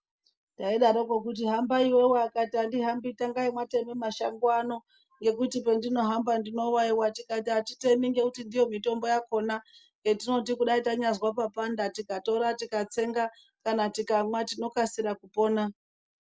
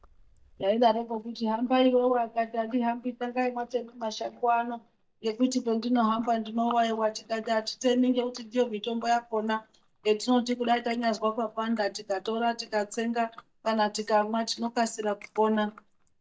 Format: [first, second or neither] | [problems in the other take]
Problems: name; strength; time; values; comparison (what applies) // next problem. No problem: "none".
first | noise reduction (neural mask model DeepFilterNet 3)